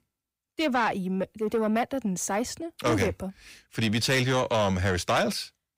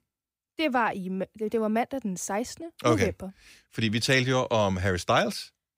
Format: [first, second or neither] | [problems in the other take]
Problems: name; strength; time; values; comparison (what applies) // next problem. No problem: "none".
second | distortion; slight; 10 dB below the speech